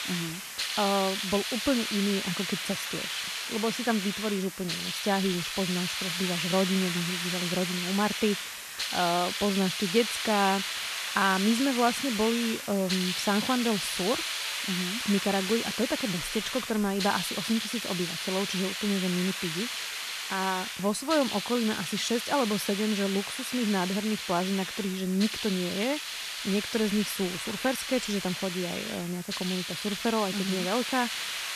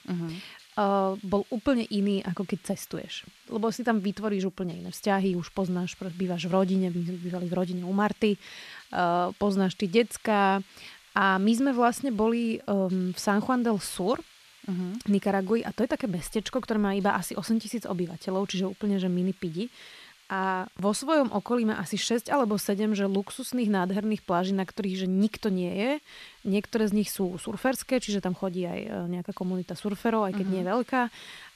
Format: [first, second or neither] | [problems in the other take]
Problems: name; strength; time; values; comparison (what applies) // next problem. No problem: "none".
second | hiss; loud; throughout; 2 dB below the speech; faint in the second